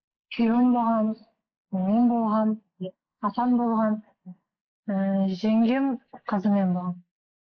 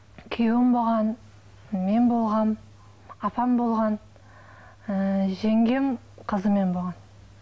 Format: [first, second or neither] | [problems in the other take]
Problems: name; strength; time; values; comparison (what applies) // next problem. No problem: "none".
second | noise reduction (neural mask model Resemble Enhance denoiser)